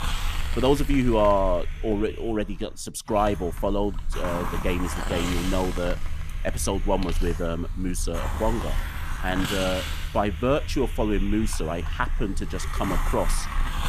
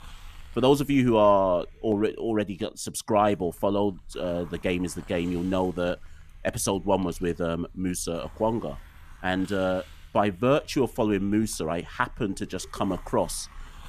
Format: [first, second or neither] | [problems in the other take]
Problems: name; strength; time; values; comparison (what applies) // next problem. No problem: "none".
second | hiss; loud; throughout; 5 dB below the speech; faint in the second